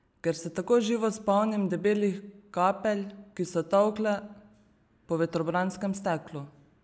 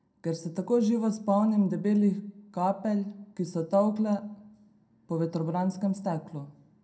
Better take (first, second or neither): first